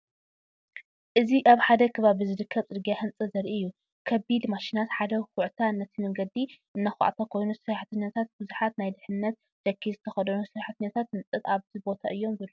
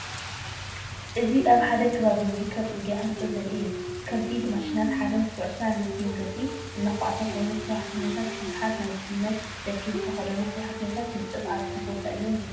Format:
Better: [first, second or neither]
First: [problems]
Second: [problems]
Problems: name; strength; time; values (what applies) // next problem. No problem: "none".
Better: first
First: none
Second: background sound (Rain); 7 dB below the speech // room echo; dies away in 0.8 s